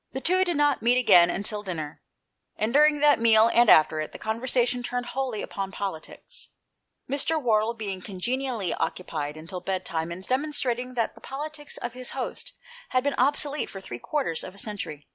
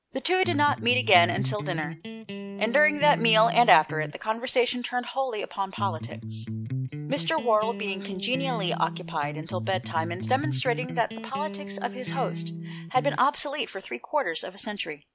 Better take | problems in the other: first | background sound (Electric guitar); 7 dB below the speech

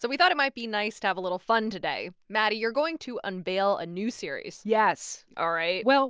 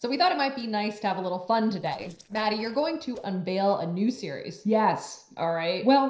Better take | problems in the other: first | noise reduction (neural separator model SepFormer DNS4)

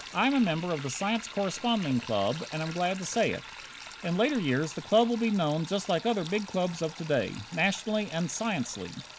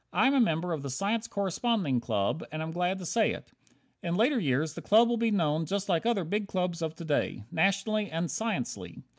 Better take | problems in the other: second | background sound (Sink (filling or washing)); 15 dB below the speech

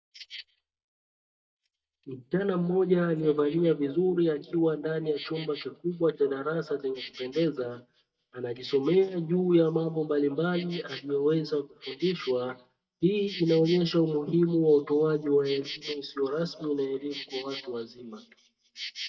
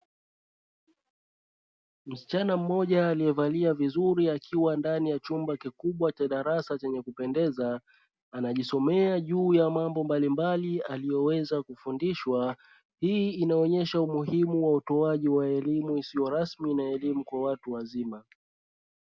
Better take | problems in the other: second | noise reduction (neural mask model DeepFilterNet 3)

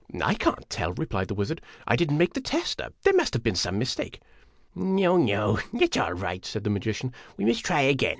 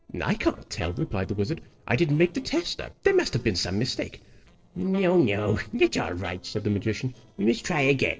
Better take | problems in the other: first | noise reduction (neural separator model SepFormer DNS4)

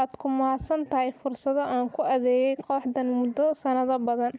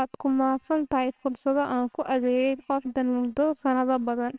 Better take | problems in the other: first | noise reduction (neural separator model SepFormer WHAMR!)

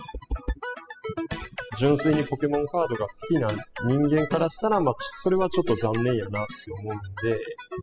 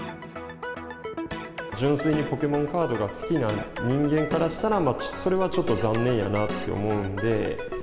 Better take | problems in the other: second | noise reduction (classical method spectral subtraction)

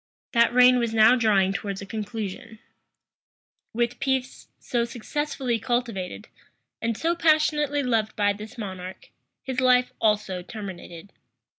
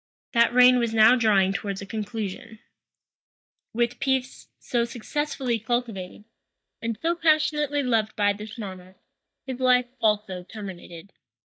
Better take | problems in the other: first | noise reduction (neural mask model DeepFilterNet 3)

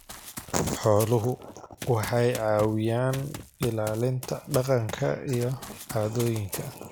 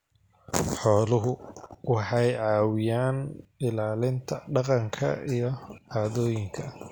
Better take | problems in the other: second | background sound (Run); 15 dB below the speech

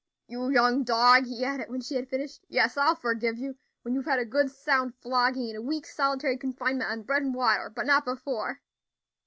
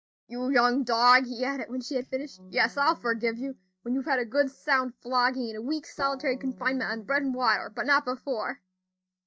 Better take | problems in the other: first | noise reduction (neural mask model DeepFilterNet 3)

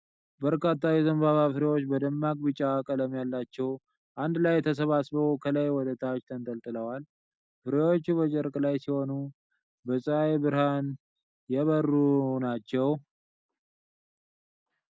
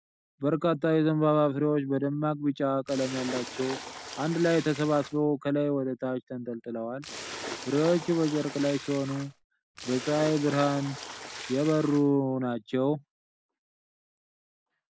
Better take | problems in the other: first | background sound (Splash, splatter); 11 dB below the speech

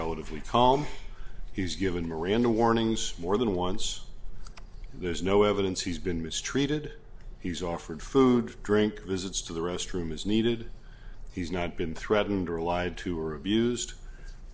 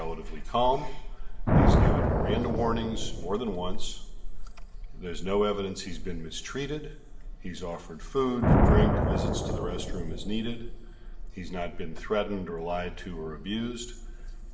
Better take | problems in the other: first | background sound (Thunder); 1 dB above the speech // room echo; dies away in 2.9 s

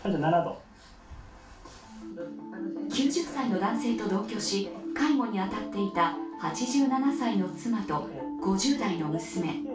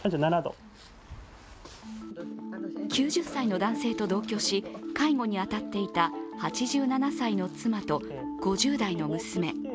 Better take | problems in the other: second | room echo; dies away in 0.3 s

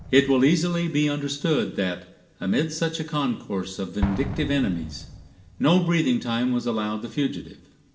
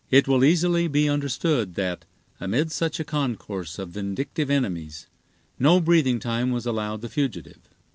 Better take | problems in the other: second | background sound (Explosion); 14 dB below the speech // room echo; dies away in 0.7 s

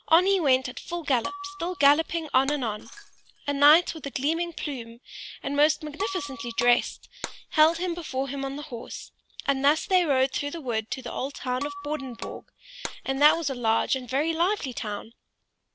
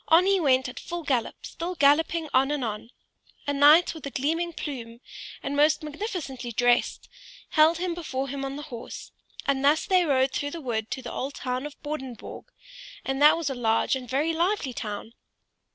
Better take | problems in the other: second | background sound (Shatter); 15 dB below the speech

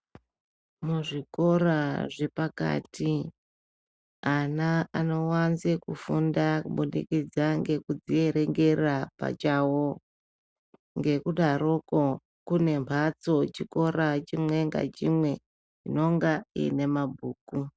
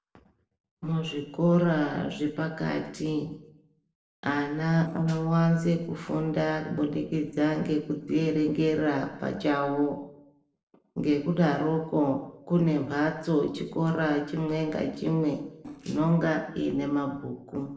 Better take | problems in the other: first | noise reduction (neural separator model SepFormer DNS4)

